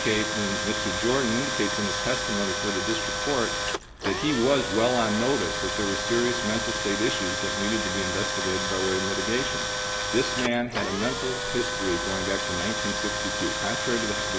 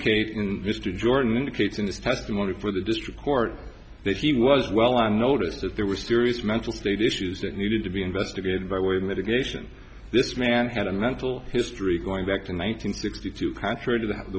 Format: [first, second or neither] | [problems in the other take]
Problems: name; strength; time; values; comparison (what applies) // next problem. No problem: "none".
second | background sound (Tools); as loud as the speech